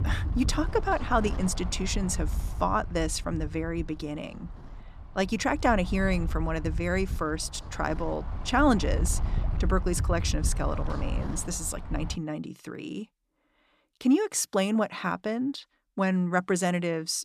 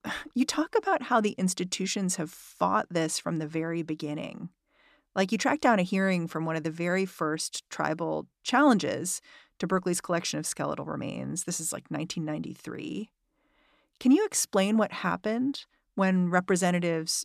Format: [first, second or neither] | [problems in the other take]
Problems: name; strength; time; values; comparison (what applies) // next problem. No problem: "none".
second | wind noise on the microphone; occasional gusts; until 12 s; 15 dB below the speech